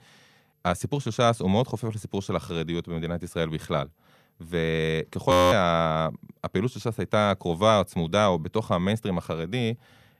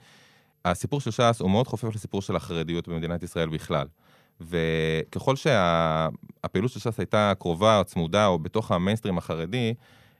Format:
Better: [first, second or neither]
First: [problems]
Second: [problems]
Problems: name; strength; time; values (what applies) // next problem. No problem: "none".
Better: second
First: audio freezing; at 5.5 s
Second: none